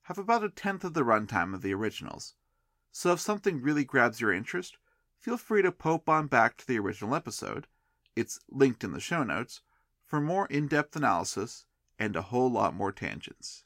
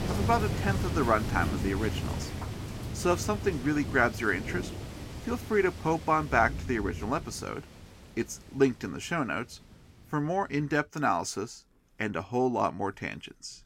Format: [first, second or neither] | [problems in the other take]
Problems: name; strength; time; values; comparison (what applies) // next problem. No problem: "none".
first | rain or running water; loud; throughout; 6 dB below the speech